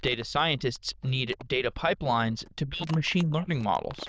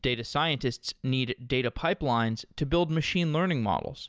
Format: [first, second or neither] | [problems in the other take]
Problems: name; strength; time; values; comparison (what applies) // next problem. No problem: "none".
second | noise reduction (neural diffusion model UNIVERSE++)